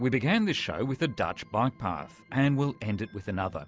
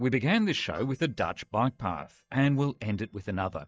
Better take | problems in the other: first | noise reduction (neural mask model DeepFilterNet 3)

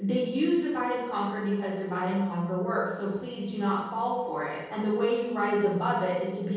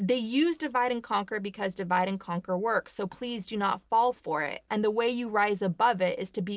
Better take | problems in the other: second | room echo; dies away in 1.3 s

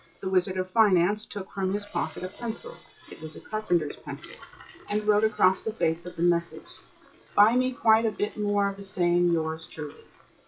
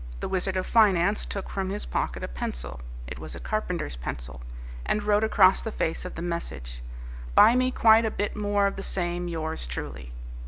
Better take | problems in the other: second | noise reduction (classical method WPE with log-MMSE)

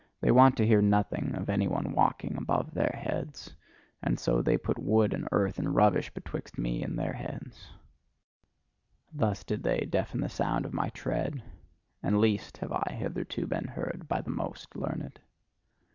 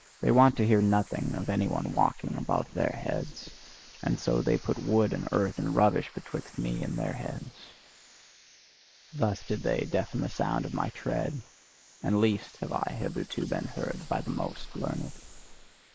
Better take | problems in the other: first | noise reduction (neural mask model Resemble Enhance denoiser)

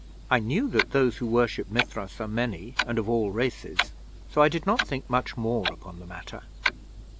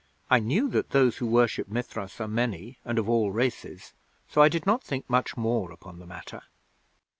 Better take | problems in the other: second | background sound (Clock); 7 dB below the speech

